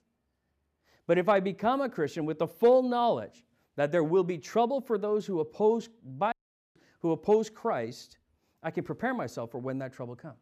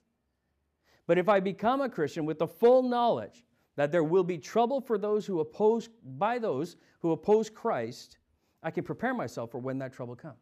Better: second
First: audio cutting out; at 6.5 s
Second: none

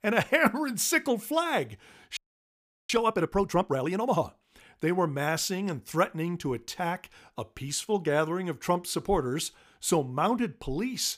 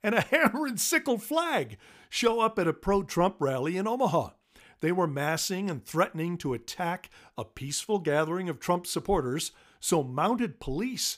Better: second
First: audio freezing; at 2 s for 0.5 s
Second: none

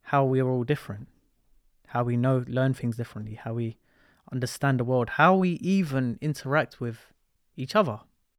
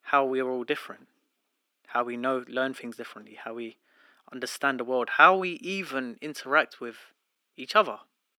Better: first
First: none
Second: thin; somewhat; fading below 300 Hz

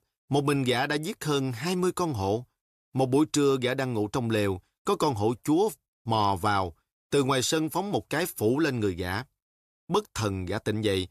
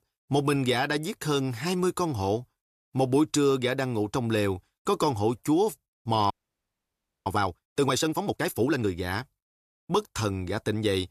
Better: first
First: none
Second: audio freezing; at 6.5 s for 1 s

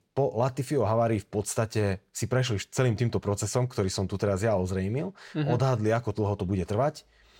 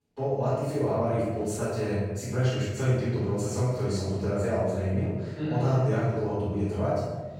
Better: first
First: none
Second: off-mic speech; far // room echo; strong; dies away in 1.3 s

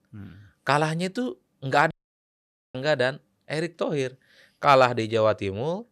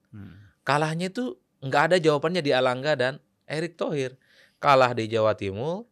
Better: second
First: audio cutting out; at 2 s for 1 s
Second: none

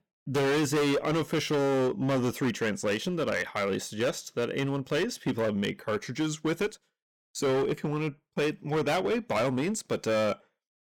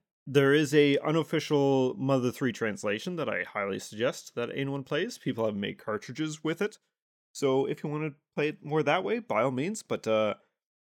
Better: second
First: distortion; heavy; 17% of the sound clipped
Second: none

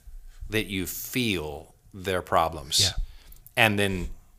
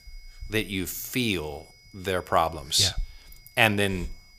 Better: first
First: none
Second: high-pitched whine; faint; throughout; 5 kHz, 25 dB below the speech

